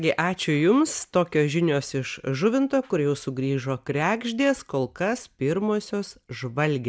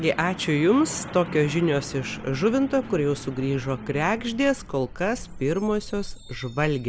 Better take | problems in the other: first | background sound (Truck); 13 dB below the speech

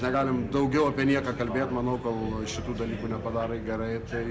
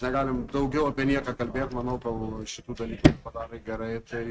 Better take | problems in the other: first | noise reduction (neural mask model RNNoise)

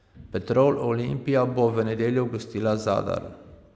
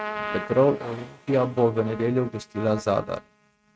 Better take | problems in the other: first | noise reduction (neural mask model RNNoise)

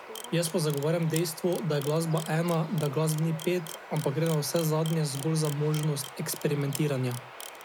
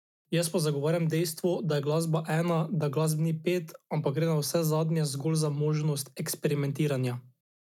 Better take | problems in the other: second | background sound (Camera + Bird vocalization, bird call, bird song); 14 dB below the speech

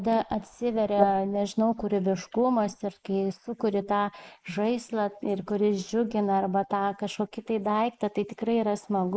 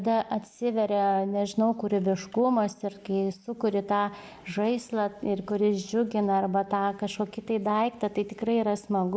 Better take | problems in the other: second | noise reduction (neural mask model Resemble Enhance denoiser)

